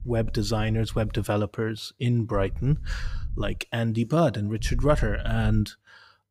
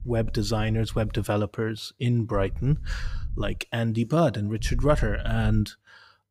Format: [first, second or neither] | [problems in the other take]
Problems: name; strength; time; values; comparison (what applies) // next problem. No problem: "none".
neither | low rumble; faint; until 1 s, from 2.5 to 3.5 s and from 4.5 to 5.5 s; 25 dB below the speech; the same in both